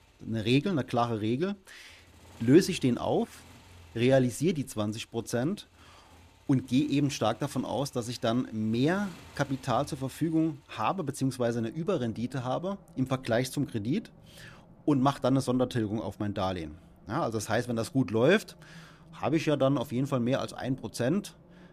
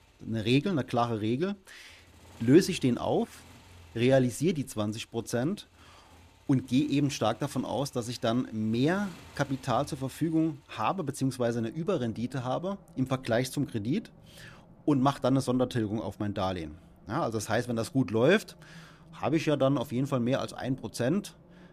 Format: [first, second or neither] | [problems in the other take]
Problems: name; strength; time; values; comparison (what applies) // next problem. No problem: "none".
neither | traffic noise; faint; throughout; 25 dB below the speech; the same in both